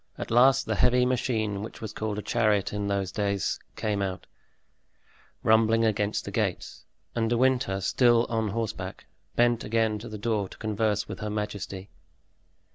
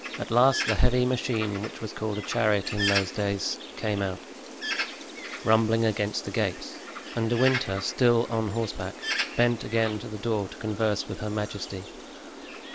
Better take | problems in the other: first | background sound (Bird); 9 dB below the speech

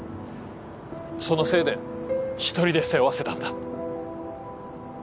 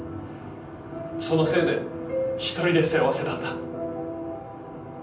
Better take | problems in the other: first | room echo; dies away in 0.6 s

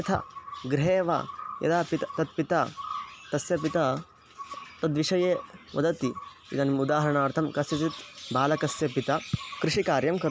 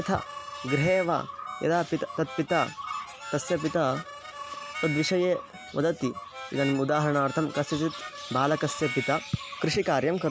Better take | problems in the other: first | background sound (Harmonica); 12 dB below the speech

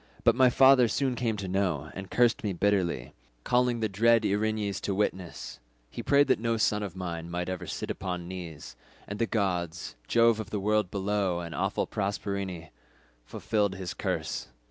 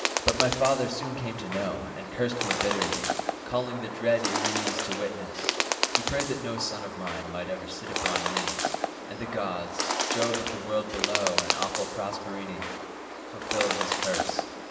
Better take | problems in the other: first | background sound (Bird); 1 dB above the speech // room echo; dies away in 1.1 s

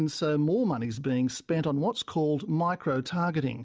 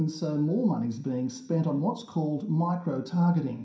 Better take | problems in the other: first | room echo; dies away in 0.5 s

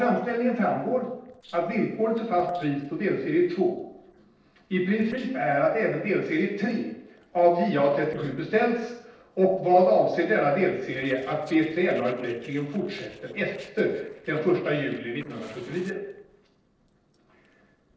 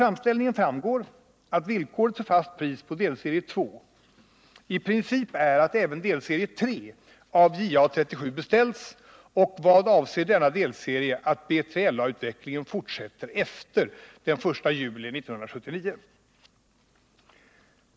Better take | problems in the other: second | noise reduction (neural separator model SepFormer DNS4)

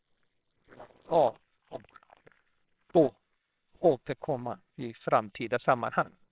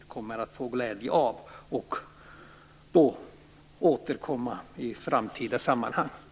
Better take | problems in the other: second | noise reduction (neural separator model SepFormer WHAMR!)

